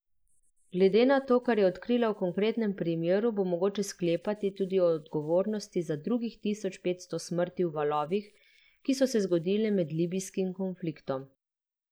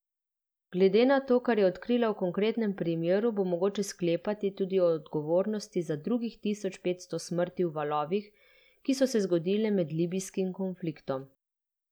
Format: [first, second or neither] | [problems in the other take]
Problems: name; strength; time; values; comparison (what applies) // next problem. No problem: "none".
second | noise reduction (neural mask model Resemble Enhance denoiser)